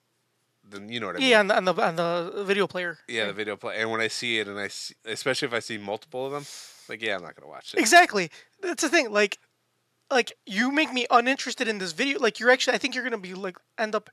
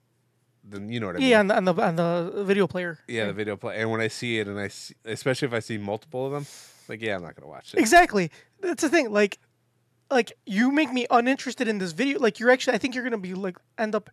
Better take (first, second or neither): second